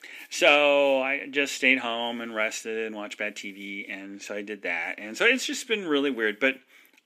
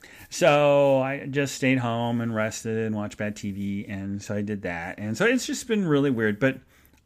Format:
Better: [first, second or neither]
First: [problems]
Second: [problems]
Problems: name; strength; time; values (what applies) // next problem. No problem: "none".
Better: second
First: thin; very slightly; fading below 300 Hz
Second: none